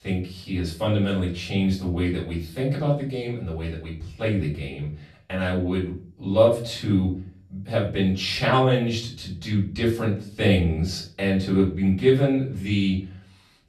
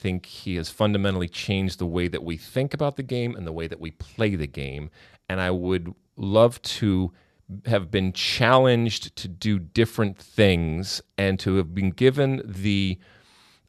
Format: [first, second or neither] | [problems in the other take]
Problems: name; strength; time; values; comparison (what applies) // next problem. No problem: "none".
second | off-mic speech; far // room echo; slight; dies away in 0.4 s